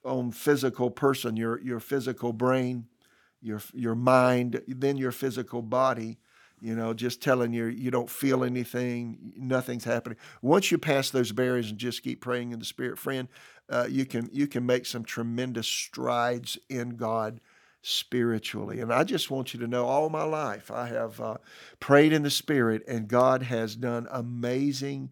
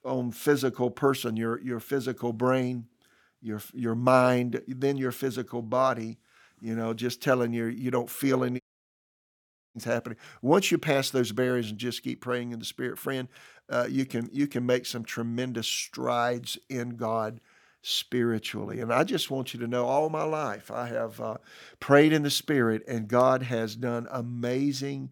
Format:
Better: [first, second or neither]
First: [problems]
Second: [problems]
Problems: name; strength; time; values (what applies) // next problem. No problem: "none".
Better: first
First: none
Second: audio cutting out; at 8.5 s for 1 s